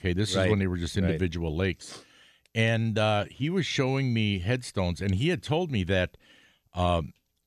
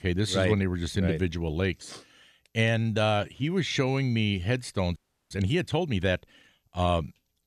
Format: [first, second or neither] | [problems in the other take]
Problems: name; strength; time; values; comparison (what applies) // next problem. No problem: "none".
first | audio freezing; at 5 s